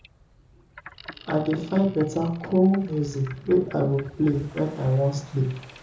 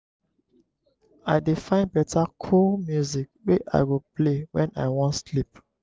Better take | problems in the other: second | background sound (Boat, Water vehicle); 18 dB below the speech // room echo; dies away in 0.6 s

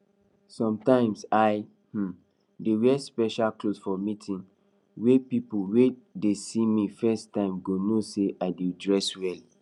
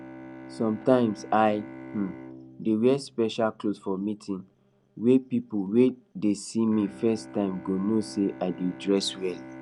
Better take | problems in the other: first | background sound (Bowed string instrument); 18 dB below the speech

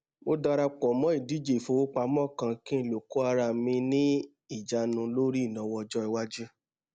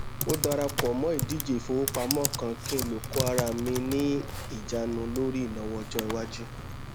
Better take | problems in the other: first | background sound (Computer keyboard); 4 dB below the speech

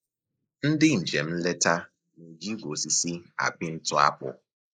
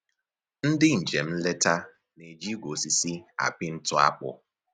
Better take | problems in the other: second | noise reduction (neural mask model Resemble Enhance denoiser)

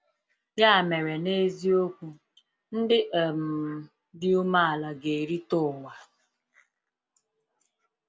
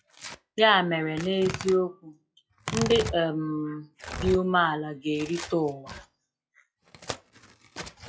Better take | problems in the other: first | noise reduction (classical method log-MMSE)

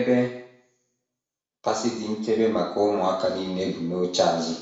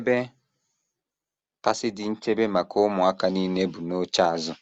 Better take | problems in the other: second | room echo; dies away in 0.7 s

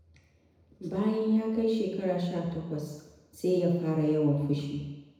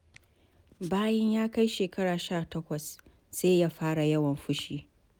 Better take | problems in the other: second | room echo; dies away in 1 s

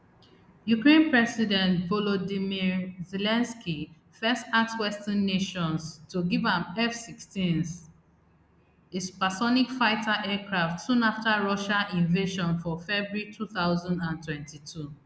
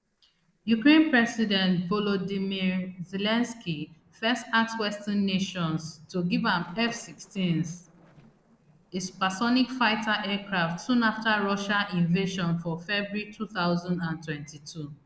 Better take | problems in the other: first | noise reduction (neural separator model SepFormer DNS4)

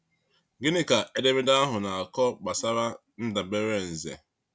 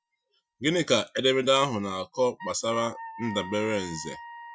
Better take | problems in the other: first | noise reduction (classical method Wiener filter)

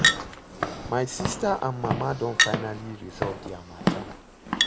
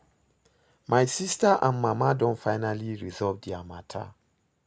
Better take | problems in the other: second | background sound (Chink, clink + Walk, footsteps / Siren); 3 dB above the speech

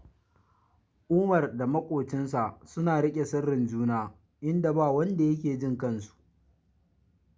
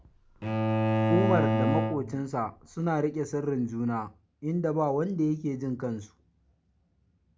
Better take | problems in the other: first | background sound (Bowed string instrument); 1 dB above the speech

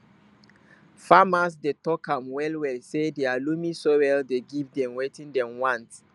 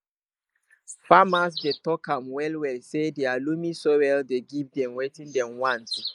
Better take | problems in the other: first | noise reduction (neural mask model Resemble Enhance denoiser)

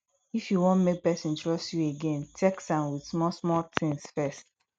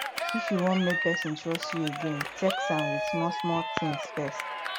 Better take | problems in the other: first | background sound (Cheering); 2 dB below the speech

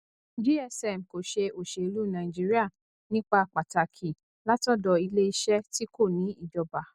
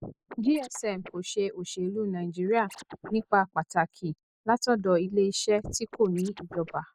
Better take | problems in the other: first | noise reduction (neural mask model Resemble Enhance denoiser)

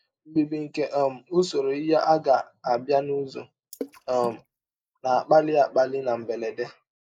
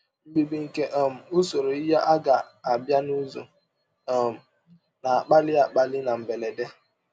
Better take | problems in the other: second | noise reduction (neural mask model Resemble Enhance denoiser)

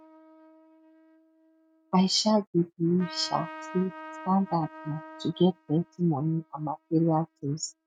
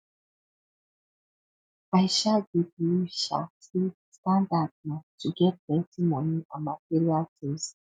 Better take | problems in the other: second | noise reduction (neural mask model RNNoise)

